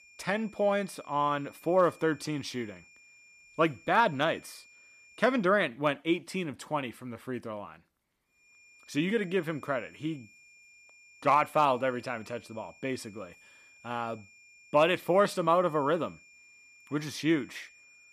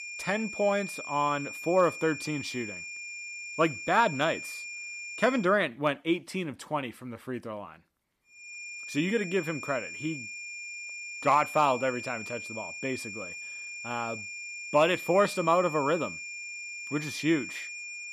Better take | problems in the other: first | high-pitched whine; loud; until 5.5 s and from 8.5 s on; 2.5 kHz, 9 dB below the speech; faint in the first

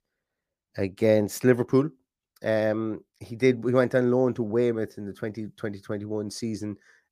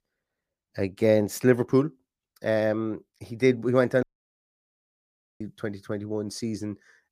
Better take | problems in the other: first | audio cutting out; at 4 s for 1.5 s

